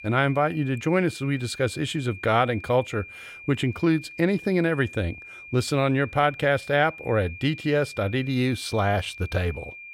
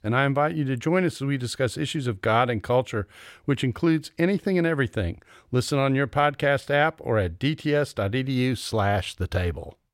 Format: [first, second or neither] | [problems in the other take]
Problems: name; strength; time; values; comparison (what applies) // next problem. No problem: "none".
second | high-pitched whine; noticeable; throughout; 2.5 kHz, 15 dB below the speech